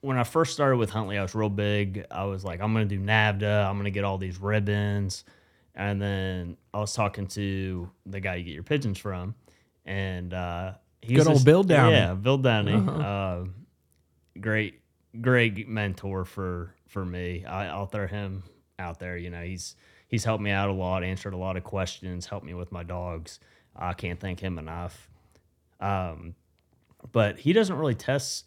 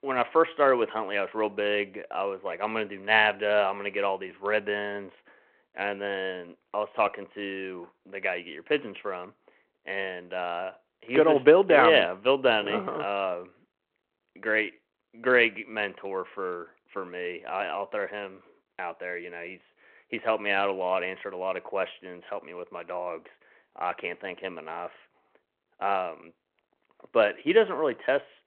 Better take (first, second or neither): first